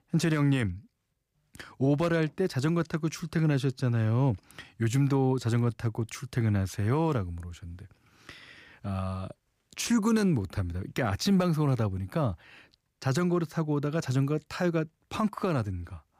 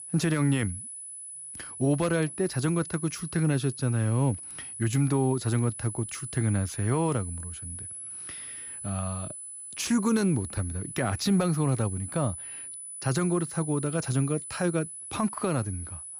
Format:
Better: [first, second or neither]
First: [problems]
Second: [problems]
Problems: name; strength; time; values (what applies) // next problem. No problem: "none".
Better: first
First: none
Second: high-pitched whine; loud; throughout; 10 kHz, 9 dB below the speech